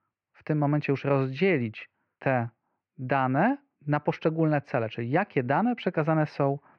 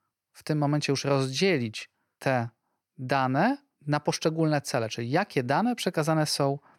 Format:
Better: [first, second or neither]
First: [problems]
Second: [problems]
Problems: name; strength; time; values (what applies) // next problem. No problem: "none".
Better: second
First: muffled; very; fading above 2.5 kHz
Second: none